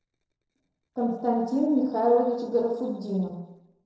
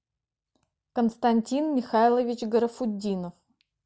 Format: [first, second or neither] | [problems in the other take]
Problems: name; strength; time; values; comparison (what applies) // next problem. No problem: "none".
second | noise reduction (neural separator model SepFormer DNS4)